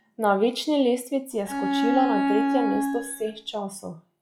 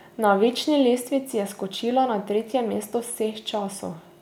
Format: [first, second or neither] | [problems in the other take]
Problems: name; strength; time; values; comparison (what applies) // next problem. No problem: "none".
second | noise reduction (classical method log-MMSE)